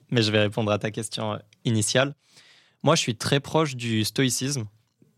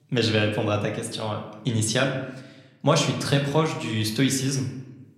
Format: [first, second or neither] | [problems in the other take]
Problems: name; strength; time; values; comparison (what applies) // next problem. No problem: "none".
first | room echo; slight; dies away in 0.8 s